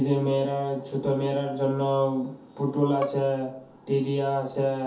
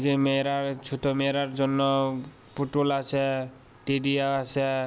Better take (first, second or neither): second